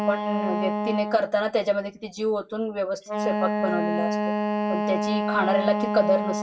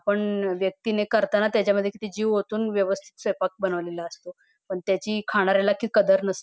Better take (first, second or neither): second